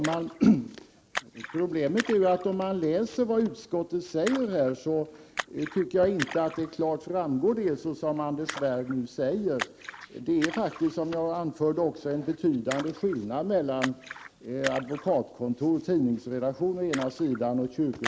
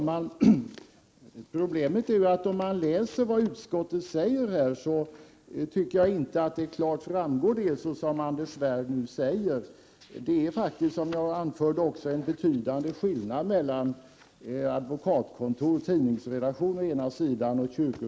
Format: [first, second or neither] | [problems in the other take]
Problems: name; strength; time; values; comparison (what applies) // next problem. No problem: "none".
second | background sound (Splash, splatter); 14 dB below the speech